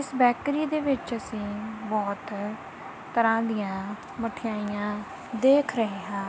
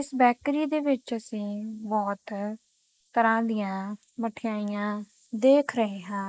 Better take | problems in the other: first | noise reduction (neural mask model Resemble Enhance denoiser)

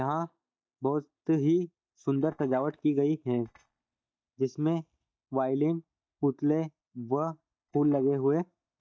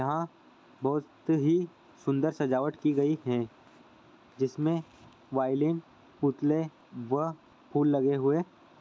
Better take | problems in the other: second | noise reduction (neural mask model DeepFilterNet 3)

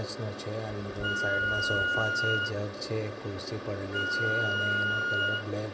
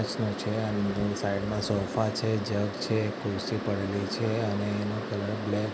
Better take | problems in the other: second | background sound (Wind instrument, woodwind instrument); 2 dB above the speech // room echo; dies away in 2.7 s

